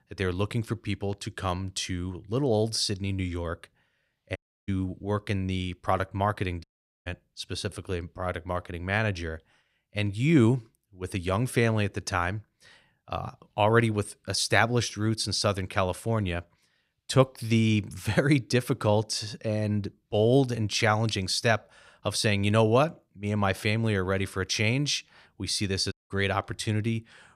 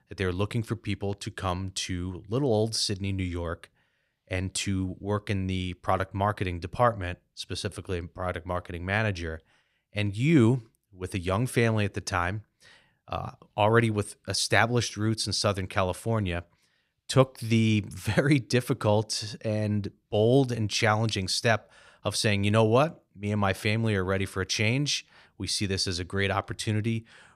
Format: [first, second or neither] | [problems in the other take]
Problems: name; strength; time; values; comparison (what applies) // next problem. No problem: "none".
second | audio cutting out; at 4.5 s, at 6.5 s and at 26 s